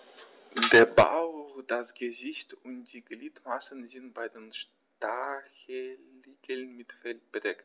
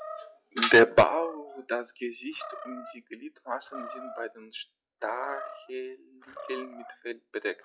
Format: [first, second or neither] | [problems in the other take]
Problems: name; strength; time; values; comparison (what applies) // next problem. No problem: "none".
first | noise reduction (classical method log-MMSE)